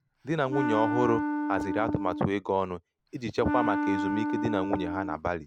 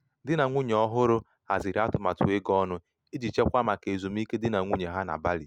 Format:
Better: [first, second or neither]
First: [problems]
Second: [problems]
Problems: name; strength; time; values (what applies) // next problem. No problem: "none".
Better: second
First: background sound (Wind instrument, woodwind instrument); 1 dB below the speech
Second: none